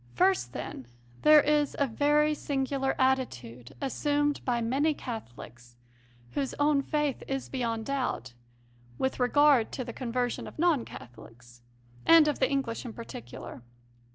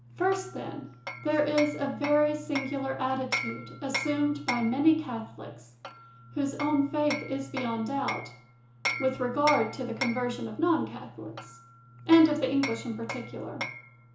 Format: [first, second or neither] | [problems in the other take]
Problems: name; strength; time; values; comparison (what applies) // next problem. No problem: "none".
first | background sound (Hammer); 10 dB below the speech // room echo; dies away in 0.7 s